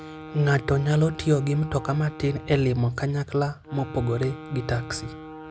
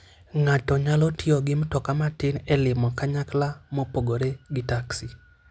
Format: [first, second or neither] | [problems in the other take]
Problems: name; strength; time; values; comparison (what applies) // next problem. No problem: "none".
second | background sound (Wind instrument, woodwind instrument); 15 dB below the speech